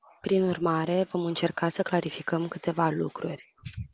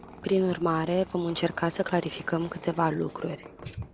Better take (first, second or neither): first